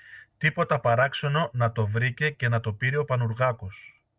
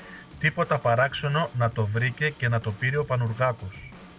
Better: first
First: none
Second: background sound (Drum / Drum kit); 20 dB below the speech

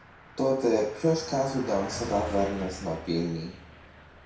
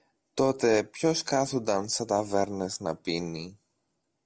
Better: second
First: background sound (Car passing by); 13 dB below the speech // room echo; dies away in 0.6 s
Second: none

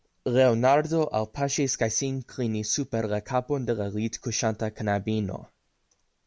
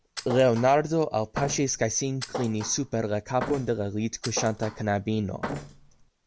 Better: first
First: none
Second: background sound (Thump, thud); 11 dB below the speech

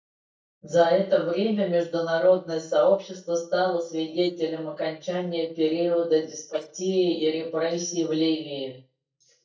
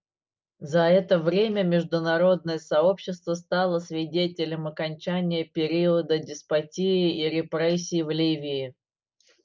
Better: second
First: noise reduction (neural mask model DeepFilterNet 3)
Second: none

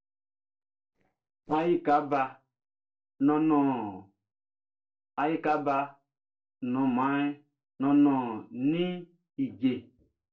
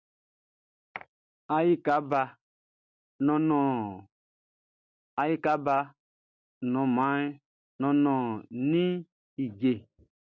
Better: second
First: noise reduction (neural separator model SepFormer DNS4)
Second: none

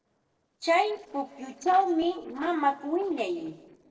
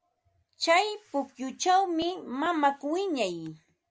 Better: second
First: noise reduction (neural separator model SepFormer DNS4)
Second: none

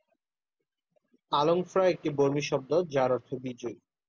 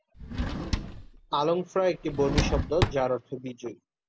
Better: first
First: none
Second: background sound (Drawer open or close); 1 dB below the speech

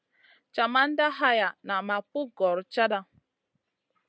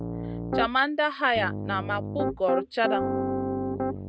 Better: first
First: none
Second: background sound (Piano); 1 dB below the speech

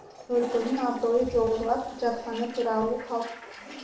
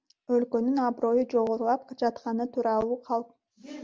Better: second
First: background sound (Toilet flush); 15 dB below the speech // room echo; dies away in 0.5 s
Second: none

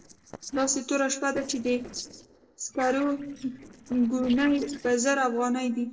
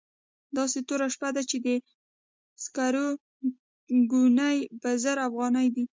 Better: second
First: noise reduction (neural separator model SepFormer DNS4)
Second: none

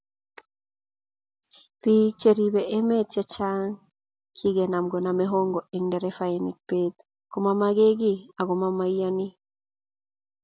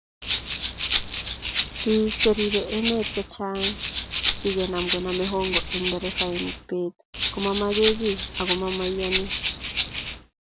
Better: first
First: none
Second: background sound (Rattle (instrument)); 1 dB below the speech

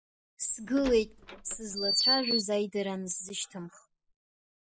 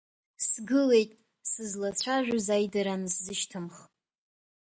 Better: second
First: noise reduction (classical method spectral subtraction)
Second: none

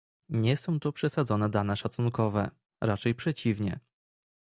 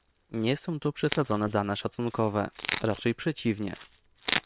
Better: first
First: none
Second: noise reduction (neural separator model SepFormer WHAM!)

